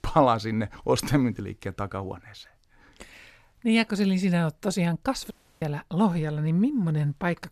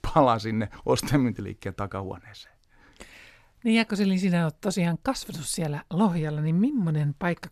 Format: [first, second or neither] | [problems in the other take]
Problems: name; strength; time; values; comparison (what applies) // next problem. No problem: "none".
second | audio cutting out; at 5.5 s